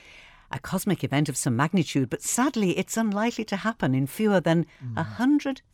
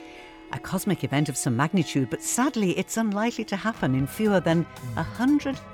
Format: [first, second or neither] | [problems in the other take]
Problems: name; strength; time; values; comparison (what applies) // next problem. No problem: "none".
first | background music; noticeable; throughout; 20 dB below the speech